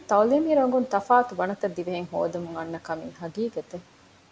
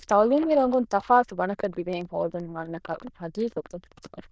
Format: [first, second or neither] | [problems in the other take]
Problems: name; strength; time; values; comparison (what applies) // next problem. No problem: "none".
first | noise reduction (neural diffusion model UNIVERSE++)